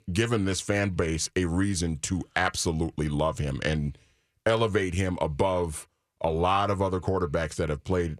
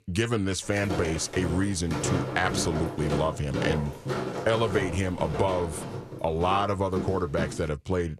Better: first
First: none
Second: footsteps; noticeable; from 0.5 to 7.5 s; peak 1 dB below the speech

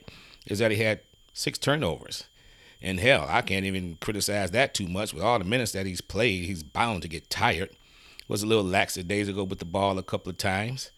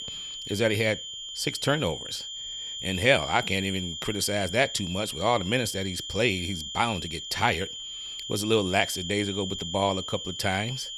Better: first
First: high-pitched whine; faint; throughout; 3 kHz, 30 dB below the speech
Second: high-pitched whine; loud; throughout; 3 kHz, 7 dB below the speech

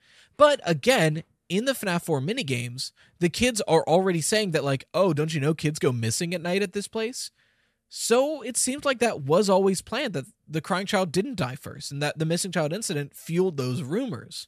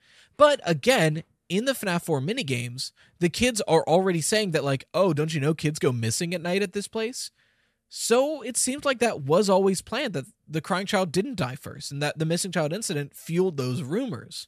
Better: neither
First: none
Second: none

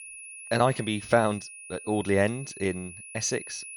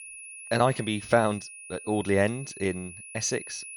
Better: neither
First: high-pitched whine; noticeable; throughout; 2.5 kHz, 15 dB below the speech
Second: high-pitched whine; noticeable; throughout; 2.5 kHz, 15 dB below the speech

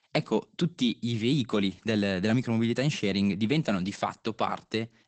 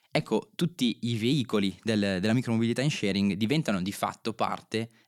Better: second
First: garbled, watery; badly; nothing above 8 kHz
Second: none

